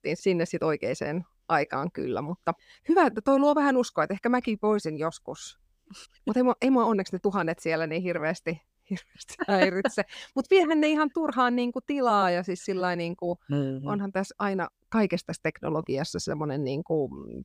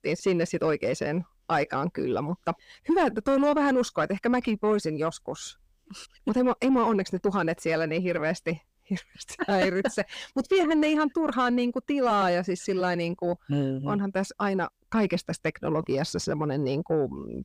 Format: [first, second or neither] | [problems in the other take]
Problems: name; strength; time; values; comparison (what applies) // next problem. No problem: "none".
first | distortion; slight; 10 dB below the speech